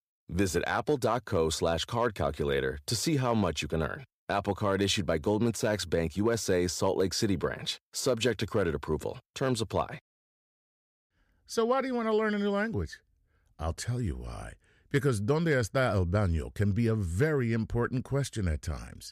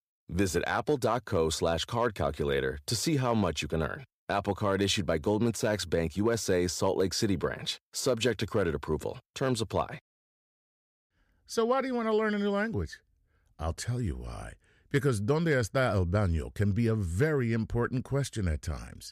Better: neither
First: none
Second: none

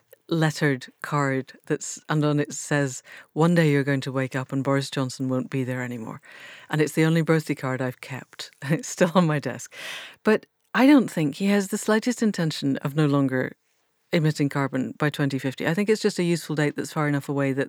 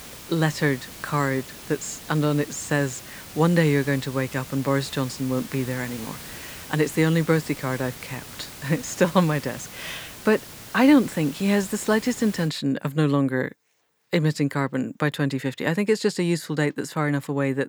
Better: first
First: none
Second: hiss; noticeable; until 12 s; 15 dB below the speech

